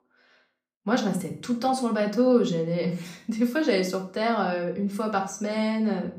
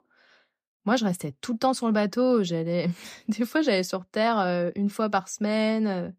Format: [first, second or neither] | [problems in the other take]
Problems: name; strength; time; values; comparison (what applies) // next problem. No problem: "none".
second | room echo; slight; dies away in 0.4 s // off-mic speech; somewhat distant